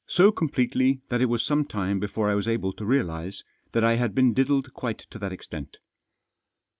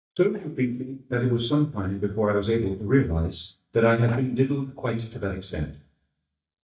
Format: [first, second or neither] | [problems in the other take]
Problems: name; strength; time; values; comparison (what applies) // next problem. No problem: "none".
first | noise reduction (neural mask model DeepFilterNet 3)